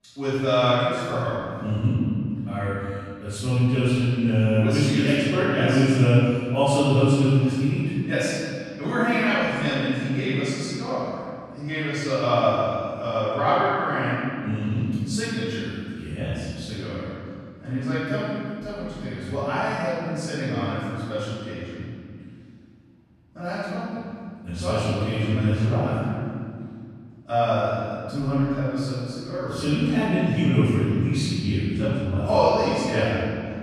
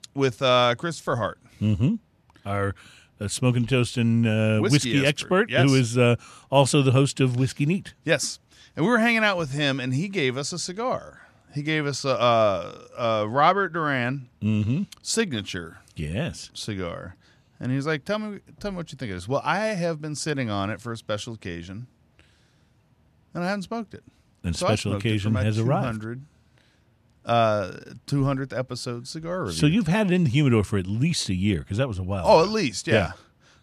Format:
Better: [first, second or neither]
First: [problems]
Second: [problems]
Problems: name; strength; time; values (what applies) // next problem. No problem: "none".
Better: second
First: off-mic speech; far // room echo; strong; dies away in 2.1 s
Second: none